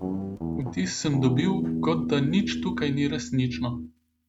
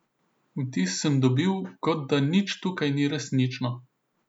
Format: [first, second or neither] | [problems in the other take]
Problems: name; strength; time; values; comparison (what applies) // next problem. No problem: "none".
second | noise reduction (neural mask model RNNoise)